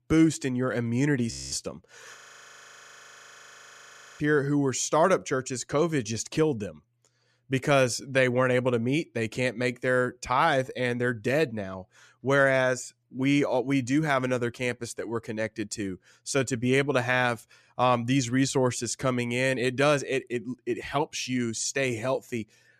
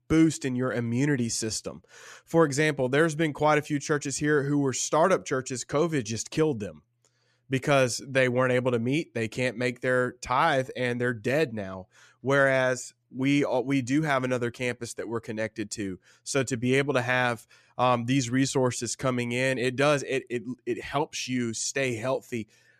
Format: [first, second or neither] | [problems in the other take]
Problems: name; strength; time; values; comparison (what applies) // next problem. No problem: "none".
second | audio freezing; at 1.5 s and at 2 s for 2 s